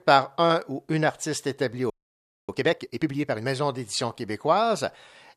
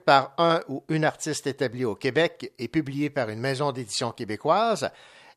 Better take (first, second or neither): second